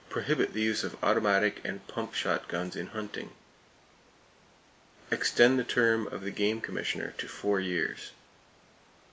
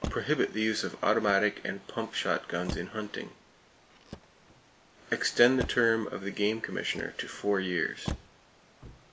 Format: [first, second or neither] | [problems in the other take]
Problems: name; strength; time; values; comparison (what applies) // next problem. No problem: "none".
first | background sound (Motor vehicle (road)); 13 dB below the speech